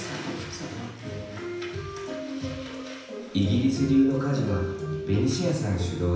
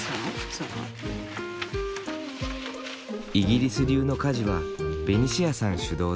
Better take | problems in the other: second | room echo; dies away in 0.9 s

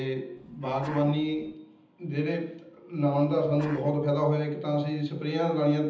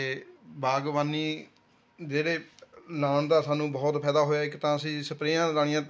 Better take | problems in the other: second | background sound (Sneeze); 17 dB below the speech // room echo; dies away in 0.8 s

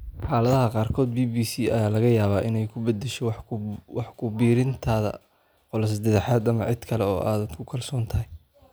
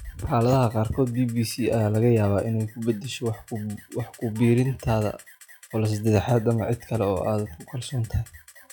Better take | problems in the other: first | noise reduction (classical method log-MMSE)

